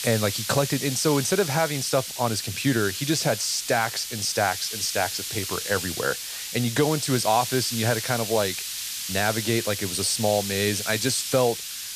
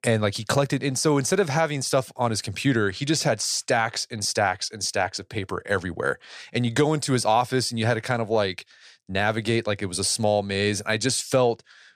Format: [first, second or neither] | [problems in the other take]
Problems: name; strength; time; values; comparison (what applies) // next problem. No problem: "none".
second | hiss; loud; throughout; 5 dB below the speech